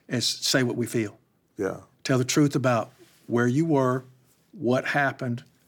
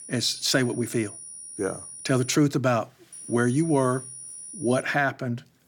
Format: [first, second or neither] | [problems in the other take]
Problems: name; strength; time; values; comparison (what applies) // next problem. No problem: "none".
first | high-pitched whine; noticeable; until 2.5 s and from 3 to 5 s; 9.5 kHz, 15 dB below the speech